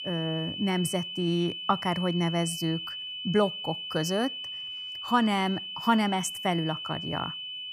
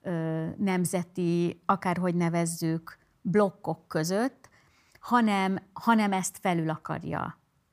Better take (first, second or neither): second